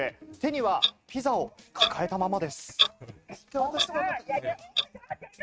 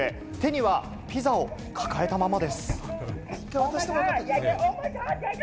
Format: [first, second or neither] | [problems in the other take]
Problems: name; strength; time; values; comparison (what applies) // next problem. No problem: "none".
second | noise reduction (neural mask model RNNoise)